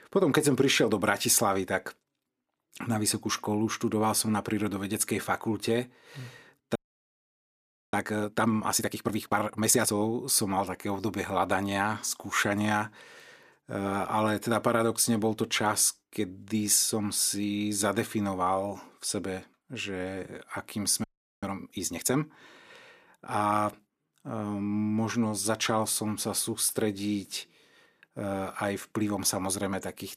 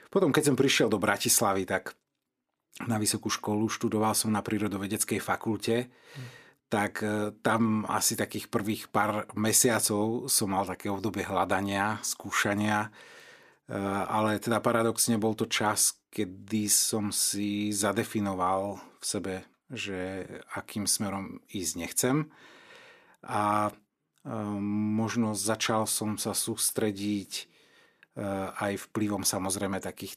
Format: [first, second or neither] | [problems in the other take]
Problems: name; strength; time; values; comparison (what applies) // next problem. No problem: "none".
second | audio freezing; at 7 s for 1 s and at 21 s